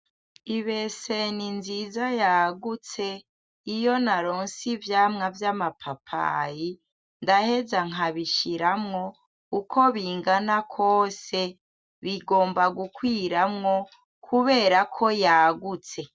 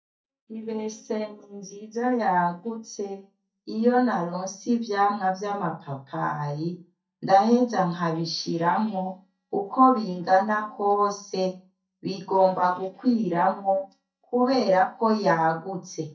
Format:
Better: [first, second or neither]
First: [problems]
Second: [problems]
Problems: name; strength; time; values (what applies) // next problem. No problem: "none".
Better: first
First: none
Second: noise reduction (neural mask model DeepFilterNet 3)